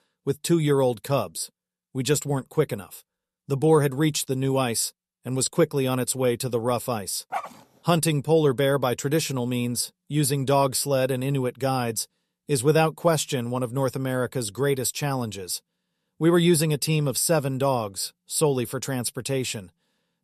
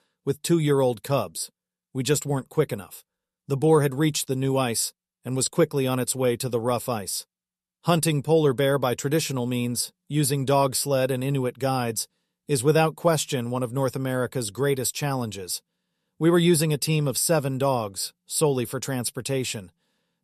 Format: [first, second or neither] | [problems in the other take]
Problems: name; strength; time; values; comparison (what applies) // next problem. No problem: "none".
second | dog barking; noticeable; at 7.5 s; peak 9 dB below the speech